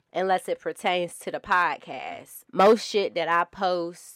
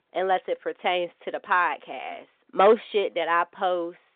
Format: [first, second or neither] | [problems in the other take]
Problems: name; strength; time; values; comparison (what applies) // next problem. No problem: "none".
first | phone-call audio; nothing above 3 kHz